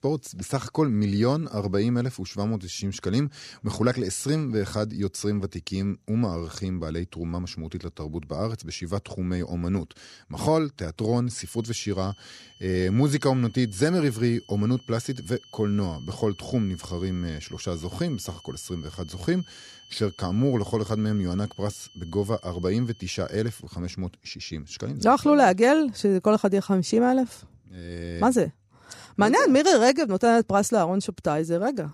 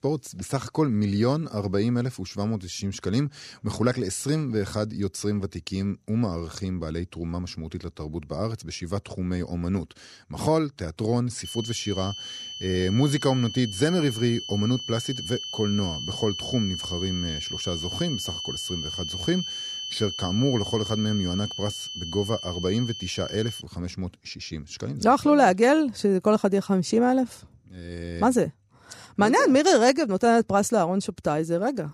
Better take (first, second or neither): first